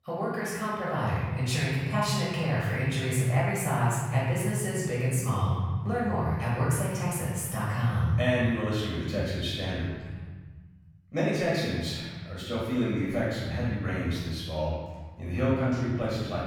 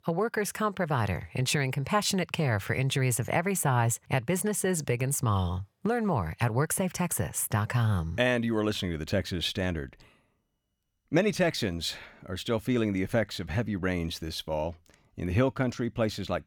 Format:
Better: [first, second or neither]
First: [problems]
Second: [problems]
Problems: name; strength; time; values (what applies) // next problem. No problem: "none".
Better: second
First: room echo; strong; dies away in 1.7 s // off-mic speech; far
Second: none